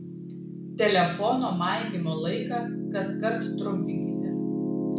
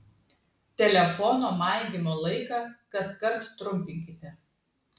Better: second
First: background sound (Piano); 2 dB below the speech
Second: none

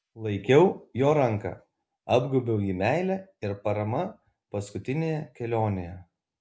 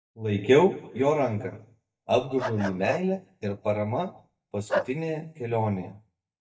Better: first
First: none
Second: noise reduction (neural mask model DeepFilterNet 3)

